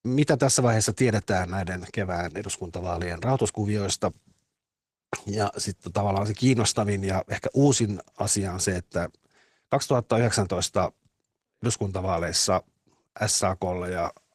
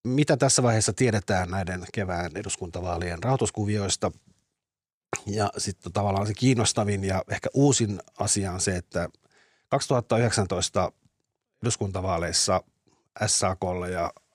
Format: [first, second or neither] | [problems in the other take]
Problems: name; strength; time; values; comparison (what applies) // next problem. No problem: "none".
second | garbled, watery; slightly